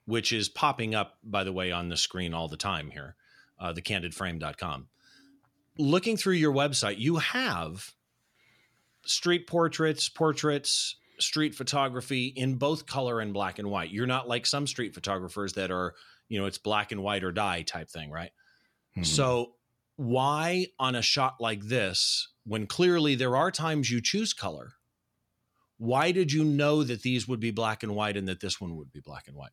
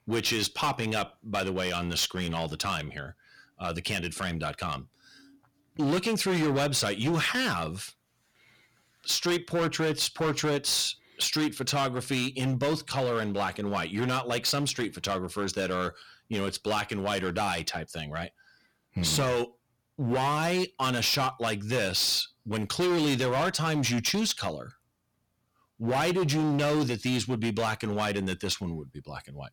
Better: first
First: none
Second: distortion; heavy; 13% of the sound clipped

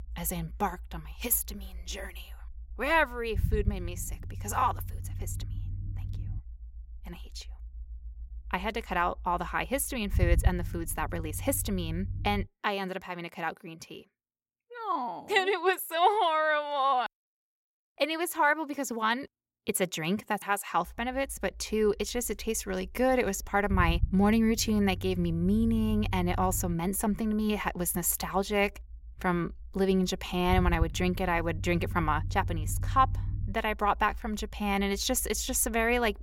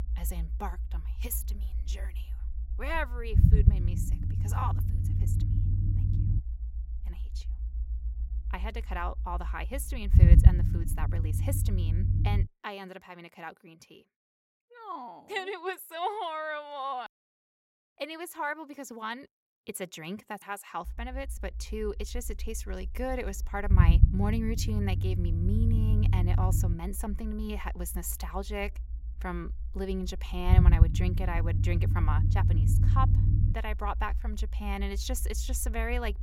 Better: first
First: low rumble; faint; until 12 s and from 21 s on; 20 dB below the speech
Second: low rumble; loud; until 12 s and from 21 s on; 5 dB below the speech

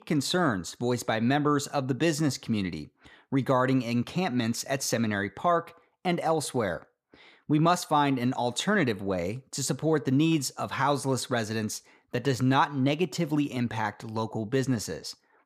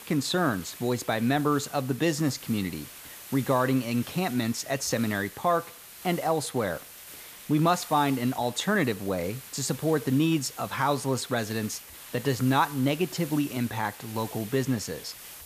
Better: first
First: none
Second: hiss; noticeable; throughout; 15 dB below the speech

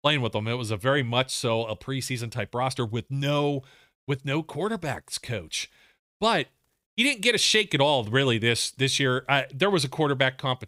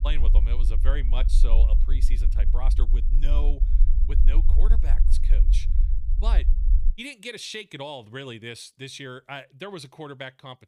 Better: first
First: none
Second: low rumble; noticeable; until 7 s; 10 dB below the speech

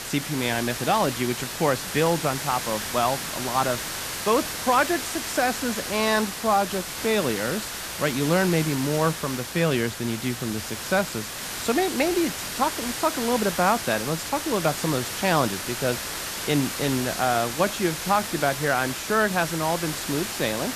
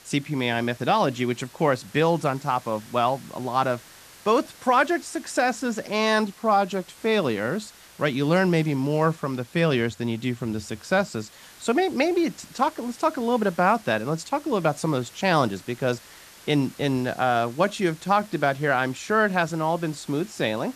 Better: second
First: hiss; loud; throughout; 5 dB below the speech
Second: hiss; faint; throughout; 20 dB below the speech

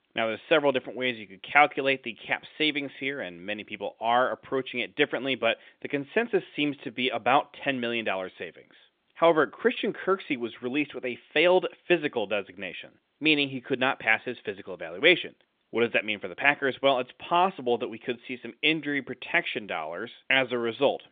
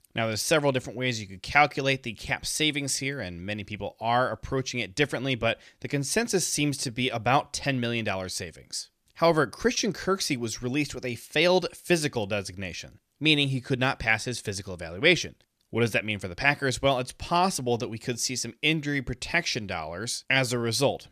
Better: second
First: phone-call audio; nothing above 3.5 kHz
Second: none

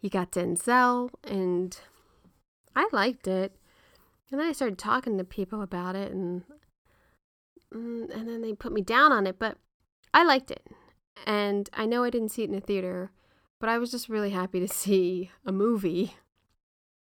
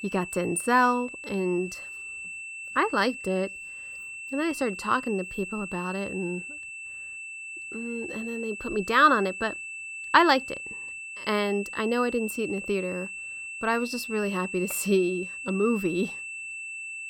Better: first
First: none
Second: high-pitched whine; loud; throughout; 2.5 kHz, 9 dB below the speech

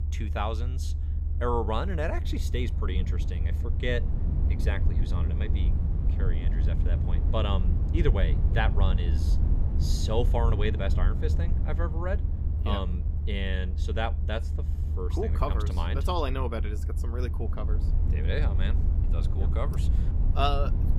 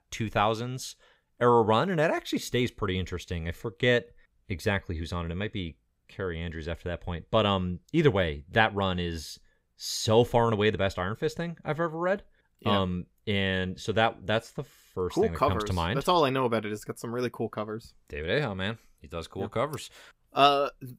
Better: second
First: low rumble; loud; throughout; 10 dB below the speech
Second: none

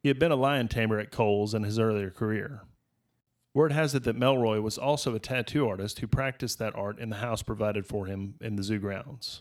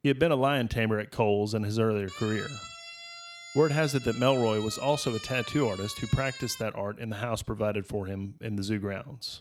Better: first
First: none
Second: siren; faint; from 2 to 6.5 s; peak 10 dB below the speech

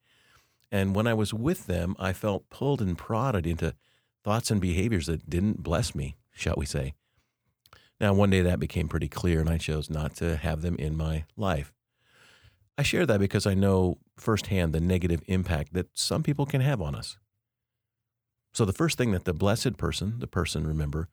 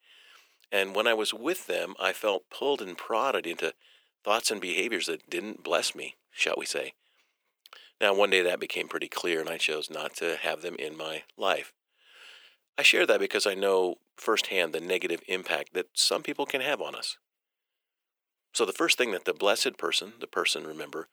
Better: first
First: none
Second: thin; very; fading below 350 Hz

